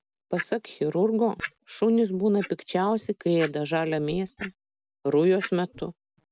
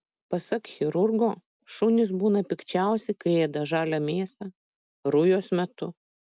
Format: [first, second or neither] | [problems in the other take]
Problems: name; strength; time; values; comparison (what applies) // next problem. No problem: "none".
second | background sound (Clock); 17 dB below the speech